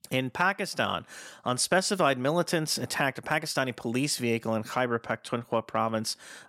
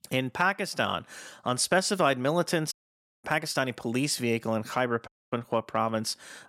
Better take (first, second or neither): first